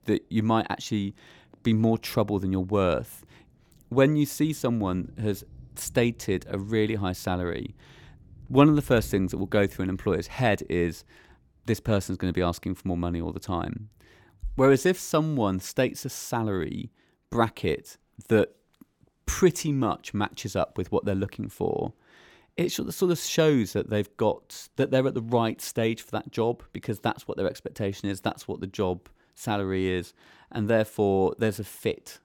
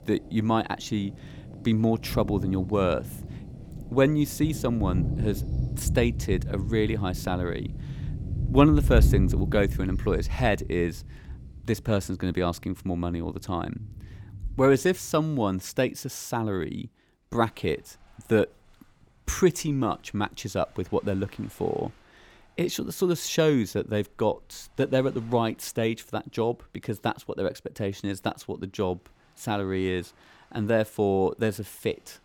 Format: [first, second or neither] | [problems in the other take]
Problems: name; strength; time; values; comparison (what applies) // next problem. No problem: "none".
first | rain or running water; loud; throughout; 5 dB below the speech; faint in the first